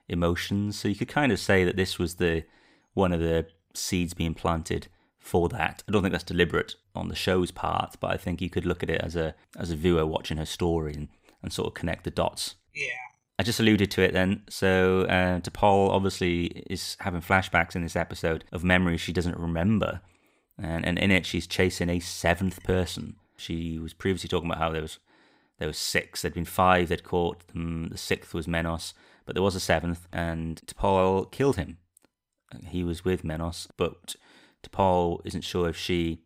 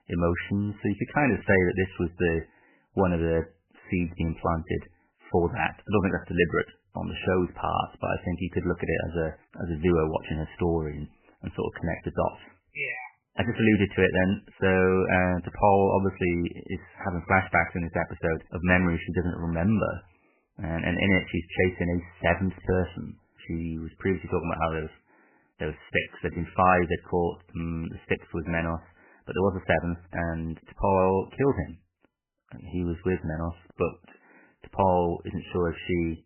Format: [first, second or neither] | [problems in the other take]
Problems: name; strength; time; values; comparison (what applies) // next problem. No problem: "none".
first | garbled, watery; badly; nothing above 3 kHz